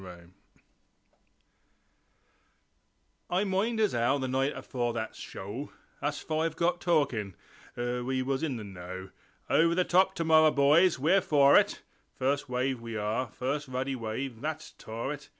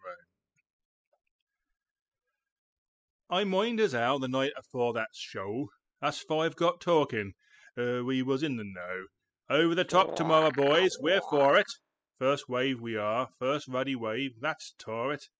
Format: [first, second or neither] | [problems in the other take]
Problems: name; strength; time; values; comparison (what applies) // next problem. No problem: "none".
first | noise reduction (classical method spectral subtraction)